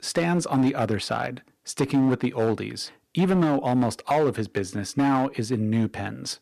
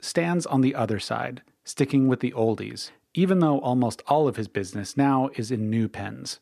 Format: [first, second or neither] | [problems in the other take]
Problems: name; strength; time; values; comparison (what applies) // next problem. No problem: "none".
second | distortion; slight; 6% of the sound clipped